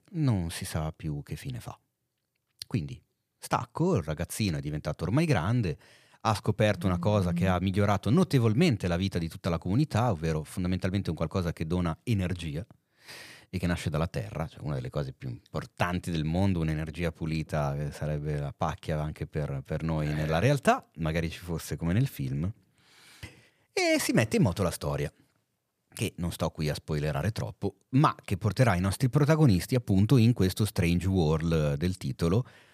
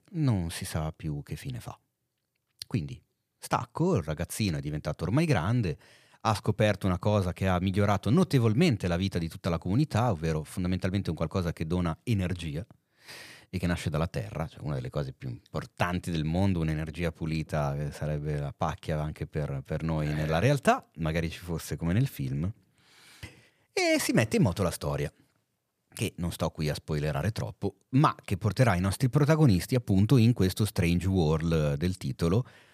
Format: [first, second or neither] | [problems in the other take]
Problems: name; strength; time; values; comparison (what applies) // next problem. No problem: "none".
second | phone ringing; noticeable; at 7 s; peak 3 dB below the speech